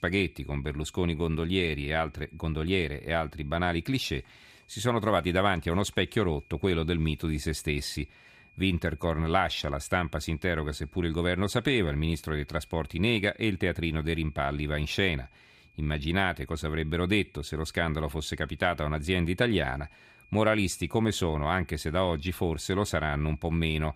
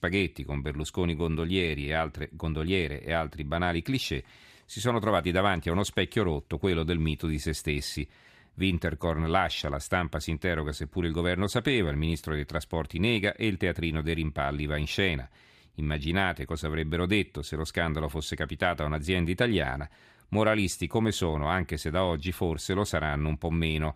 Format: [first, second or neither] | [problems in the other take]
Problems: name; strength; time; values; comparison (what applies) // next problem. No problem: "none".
second | high-pitched whine; faint; throughout; 2.5 kHz, 30 dB below the speech